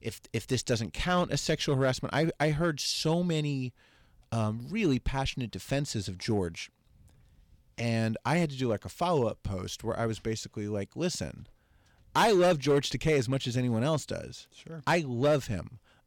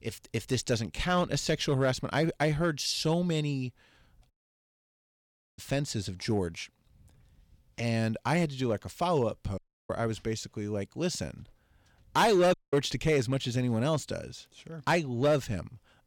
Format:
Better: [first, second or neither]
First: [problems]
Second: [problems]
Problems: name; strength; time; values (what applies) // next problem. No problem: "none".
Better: first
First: none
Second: audio cutting out; at 4.5 s for 1.5 s, at 9.5 s and at 13 s